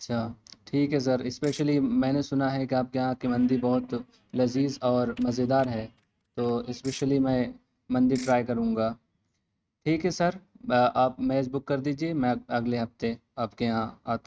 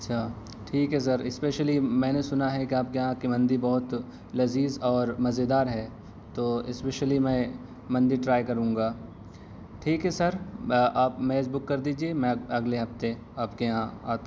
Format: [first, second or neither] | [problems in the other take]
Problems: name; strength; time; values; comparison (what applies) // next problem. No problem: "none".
second | noise reduction (neural mask model RNNoise)